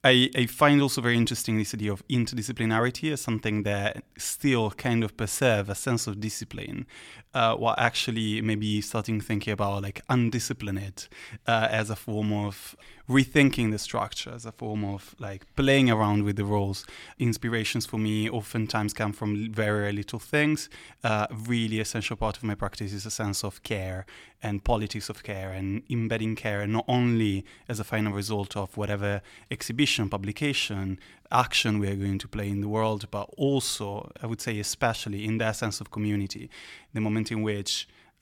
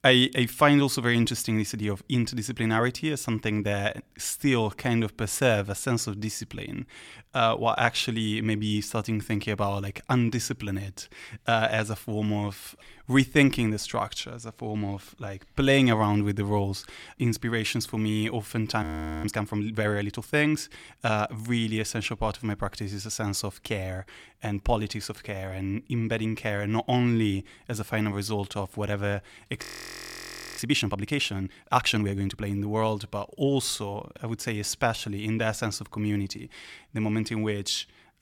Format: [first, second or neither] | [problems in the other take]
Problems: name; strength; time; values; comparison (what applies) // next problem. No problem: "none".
first | audio freezing; at 19 s and at 30 s for 1 s